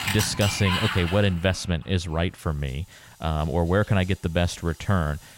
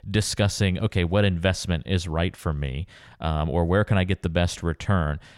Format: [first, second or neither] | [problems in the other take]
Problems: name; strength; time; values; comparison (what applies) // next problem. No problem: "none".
second | household noises; loud; throughout; 4 dB below the speech